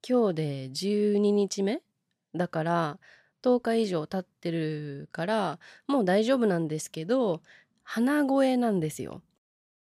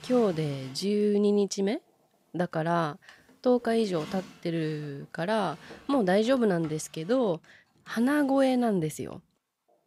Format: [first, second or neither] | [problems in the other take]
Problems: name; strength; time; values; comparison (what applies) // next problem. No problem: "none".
first | household noises; faint; throughout; 20 dB below the speech